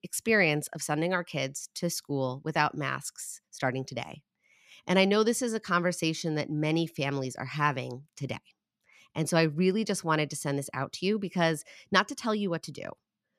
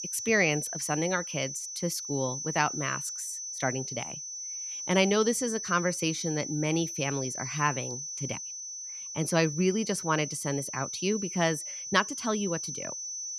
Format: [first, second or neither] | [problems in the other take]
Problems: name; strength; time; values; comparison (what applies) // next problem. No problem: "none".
first | high-pitched whine; loud; throughout; 6 kHz, 5 dB below the speech